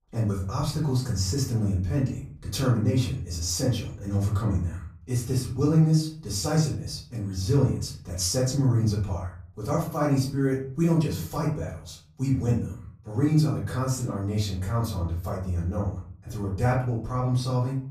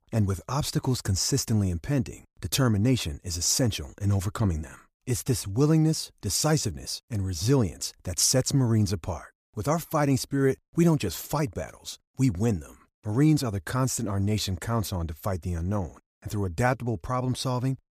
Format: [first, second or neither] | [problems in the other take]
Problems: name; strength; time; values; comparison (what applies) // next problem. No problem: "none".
second | off-mic speech; far // room echo; slight; dies away in 0.5 s